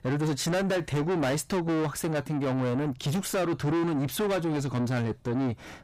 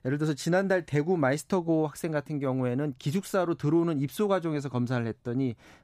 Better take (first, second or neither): second